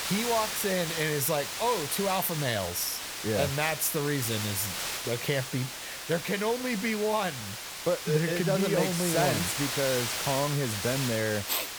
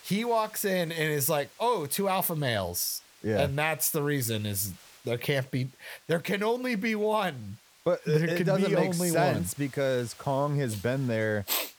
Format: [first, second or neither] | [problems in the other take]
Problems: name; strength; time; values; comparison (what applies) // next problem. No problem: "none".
second | hiss; loud; throughout; 4 dB below the speech; faint in the second